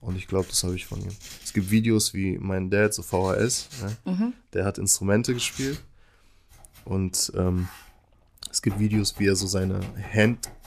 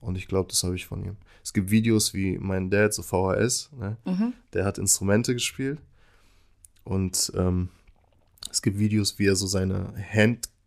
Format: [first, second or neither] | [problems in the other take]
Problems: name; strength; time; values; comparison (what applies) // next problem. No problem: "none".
second | household noises; noticeable; throughout; 20 dB below the speech